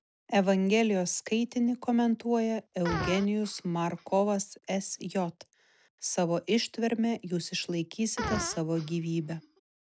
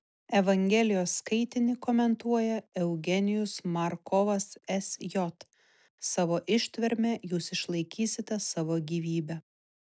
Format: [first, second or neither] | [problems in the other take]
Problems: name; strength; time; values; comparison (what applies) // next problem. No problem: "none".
second | background sound (Fart); 11 dB below the speech